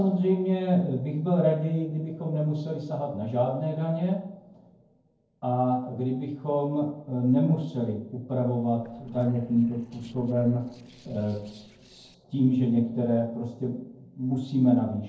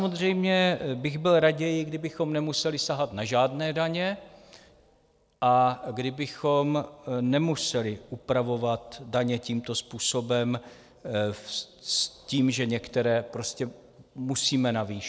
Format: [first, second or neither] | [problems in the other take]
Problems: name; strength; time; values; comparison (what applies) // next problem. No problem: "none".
second | noise reduction (neural separator model SepFormer DNS4)